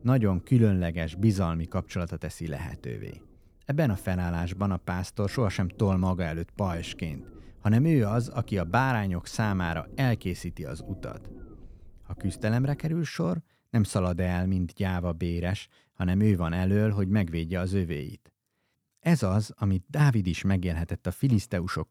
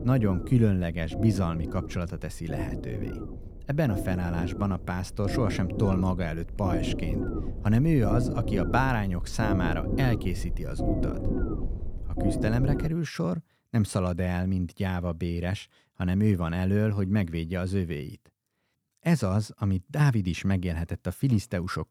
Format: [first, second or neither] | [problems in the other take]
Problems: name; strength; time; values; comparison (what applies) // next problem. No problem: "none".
first | low rumble; loud; until 13 s; 5 dB below the speech; faint in the first